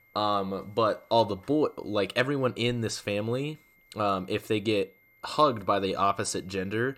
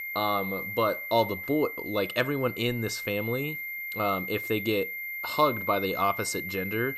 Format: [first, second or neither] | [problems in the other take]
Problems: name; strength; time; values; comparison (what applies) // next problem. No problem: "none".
first | high-pitched whine; loud; throughout; 2 kHz, 5 dB below the speech; faint in the first